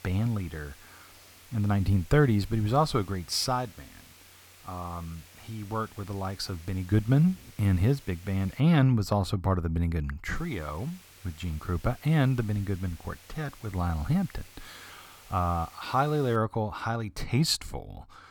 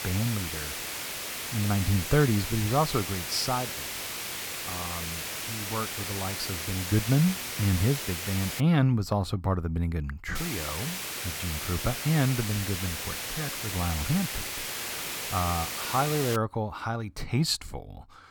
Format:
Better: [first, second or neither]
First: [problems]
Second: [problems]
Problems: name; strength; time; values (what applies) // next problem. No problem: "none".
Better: first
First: hiss; faint; until 8.5 s and from 10 to 16 s; 25 dB below the speech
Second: hiss; loud; until 8.5 s and from 10 to 16 s; 4 dB below the speech